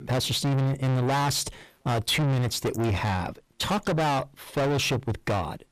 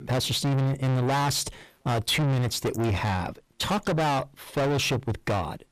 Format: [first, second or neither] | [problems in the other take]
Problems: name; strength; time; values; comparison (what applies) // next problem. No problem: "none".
neither | distortion; heavy; 5 dB below the speech; the same in both